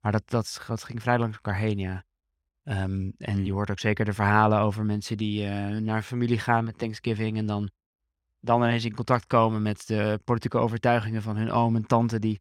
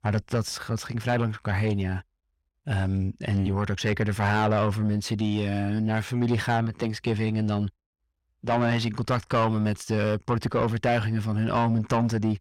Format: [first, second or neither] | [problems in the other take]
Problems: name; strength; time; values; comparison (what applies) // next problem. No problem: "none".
first | distortion; heavy; 7 dB below the speech